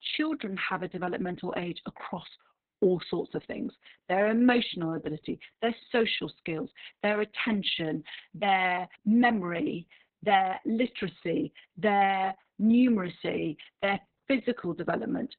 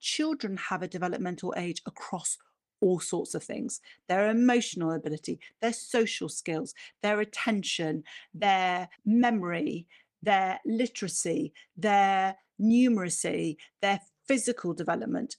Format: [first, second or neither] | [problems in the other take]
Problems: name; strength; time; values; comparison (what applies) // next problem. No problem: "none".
second | garbled, watery; badly; nothing above 4 kHz; slightly in the second